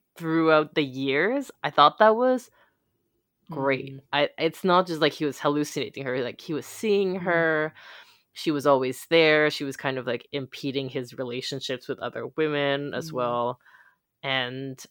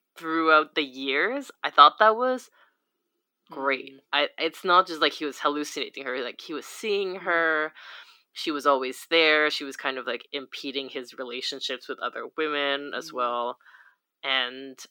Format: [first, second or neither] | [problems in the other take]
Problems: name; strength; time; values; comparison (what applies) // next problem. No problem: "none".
first | thin; very slightly; fading below 250 Hz